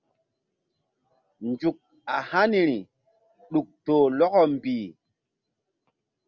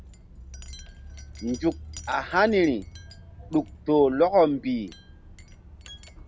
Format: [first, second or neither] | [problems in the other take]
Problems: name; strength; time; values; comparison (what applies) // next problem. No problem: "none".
first | background sound (Wind chime); 17 dB below the speech